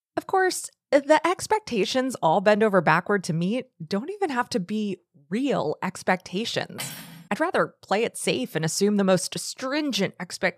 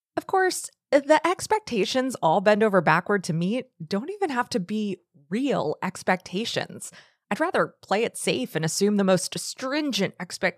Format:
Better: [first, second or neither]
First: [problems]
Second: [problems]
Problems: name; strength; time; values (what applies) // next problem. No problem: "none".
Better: second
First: clattering dishes; faint; at 7 s; peak 10 dB below the speech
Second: none